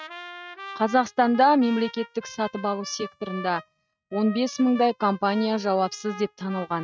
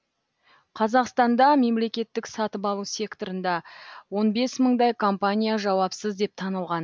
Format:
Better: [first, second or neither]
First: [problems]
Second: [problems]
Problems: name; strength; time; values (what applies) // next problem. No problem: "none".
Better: second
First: noise reduction (neural mask model RNNoise)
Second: none